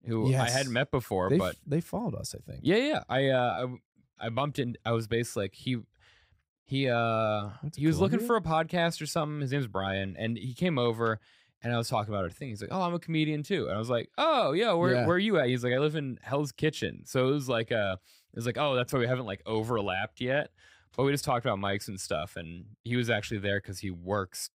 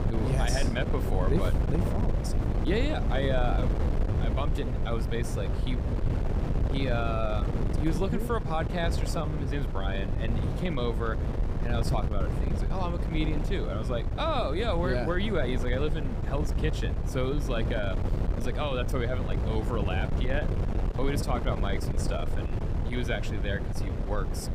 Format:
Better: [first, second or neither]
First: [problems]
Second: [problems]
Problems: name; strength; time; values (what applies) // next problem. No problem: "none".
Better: first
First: none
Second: wind noise on the microphone; heavy; 5 dB below the speech